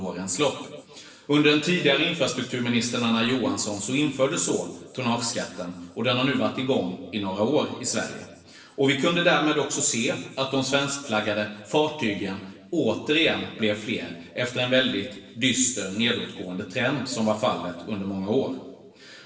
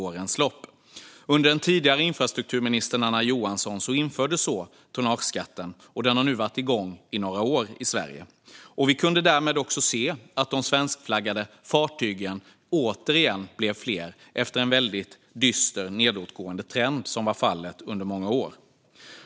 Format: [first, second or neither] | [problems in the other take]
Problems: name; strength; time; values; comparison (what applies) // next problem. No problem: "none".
second | room echo; dies away in 1 s